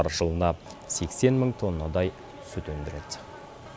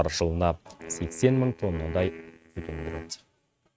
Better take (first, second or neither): first